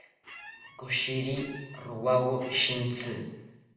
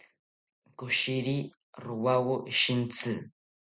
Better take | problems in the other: second | background sound (Squeak); 16 dB below the speech // room echo; dies away in 1 s

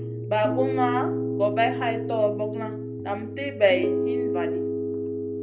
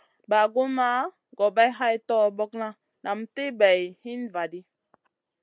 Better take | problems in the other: second | background sound (Piano); 1 dB below the speech // room echo; dies away in 0.5 s

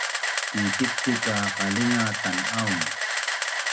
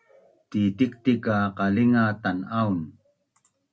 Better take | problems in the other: second | background sound (Camera); 2 dB above the speech

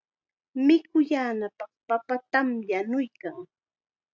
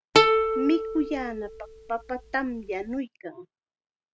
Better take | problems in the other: first | background sound (Plucked string instrument); 4 dB above the speech

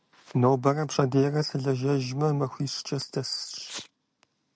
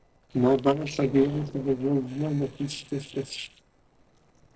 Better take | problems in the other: first | noise reduction (neural separator model SepFormer DNS4)

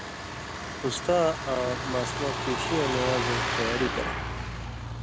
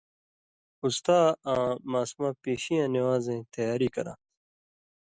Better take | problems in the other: second | background sound (Truck); 1 dB below the speech

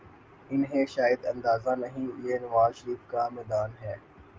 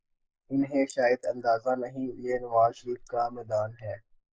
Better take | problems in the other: first | noise reduction (neural mask model Resemble Enhance denoiser)

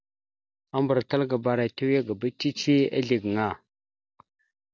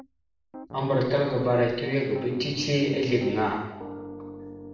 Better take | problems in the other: first | background sound (Piano); 15 dB below the speech // room echo; dies away in 0.9 s

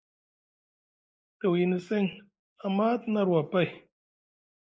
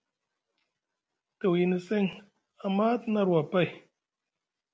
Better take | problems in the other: second | noise reduction (neural mask model Resemble Enhance denoiser)

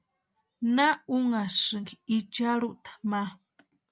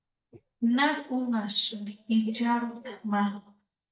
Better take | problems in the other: first | noise reduction (neural mask model DeepFilterNet 3)

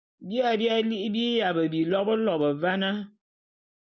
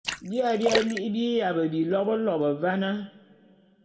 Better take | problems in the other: first | background sound (Splash, splatter); 7 dB below the speech // room echo; dies away in 1.4 s

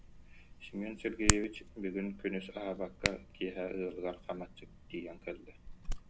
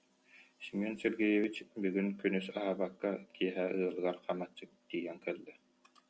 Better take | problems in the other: second | background sound (Hands); as loud as the speech

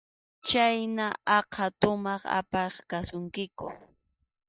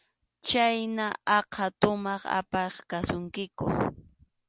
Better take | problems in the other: second | noise reduction (neural mask model DeepFilterNet 3)

